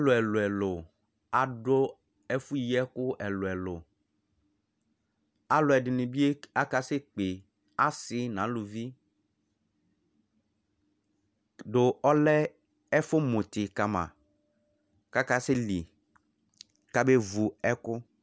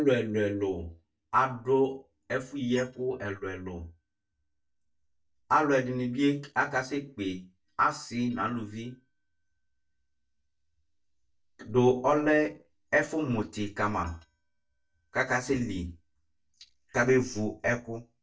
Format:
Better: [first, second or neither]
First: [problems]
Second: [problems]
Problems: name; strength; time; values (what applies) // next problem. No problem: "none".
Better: first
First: none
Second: noise reduction (neural mask model DeepFilterNet 3)